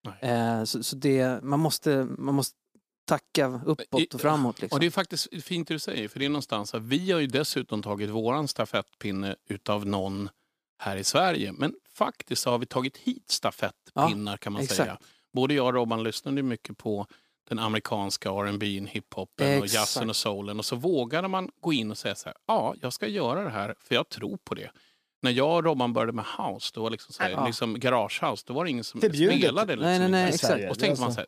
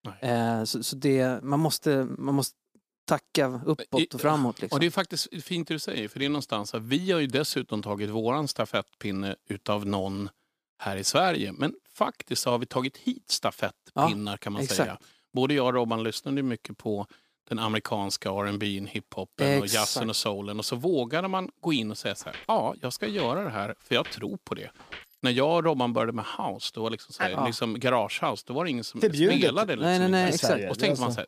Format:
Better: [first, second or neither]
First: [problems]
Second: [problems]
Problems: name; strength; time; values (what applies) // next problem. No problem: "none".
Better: first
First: none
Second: footsteps; faint; from 22 to 25 s; peak 10 dB below the speech